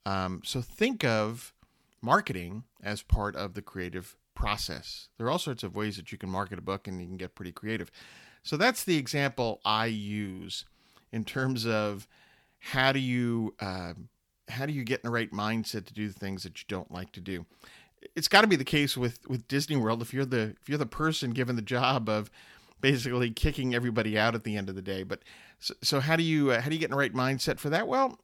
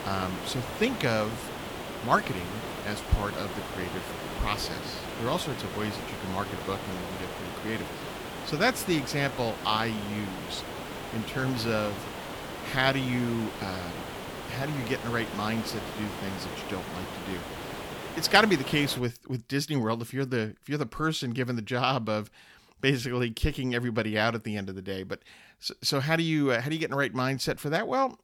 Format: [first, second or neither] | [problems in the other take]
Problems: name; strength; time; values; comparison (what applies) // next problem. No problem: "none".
first | hiss; loud; until 19 s; 7 dB below the speech